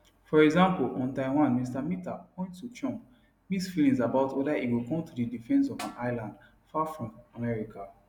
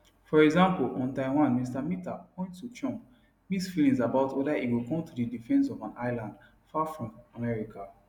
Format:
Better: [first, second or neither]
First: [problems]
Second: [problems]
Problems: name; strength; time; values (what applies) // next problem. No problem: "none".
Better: second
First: background sound (Snare drum); 18 dB below the speech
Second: none